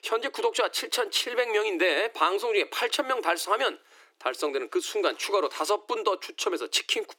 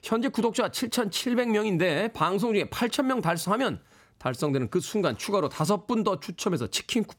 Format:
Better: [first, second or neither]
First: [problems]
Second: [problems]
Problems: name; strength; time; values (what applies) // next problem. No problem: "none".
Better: second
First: thin; very; fading below 300 Hz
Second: none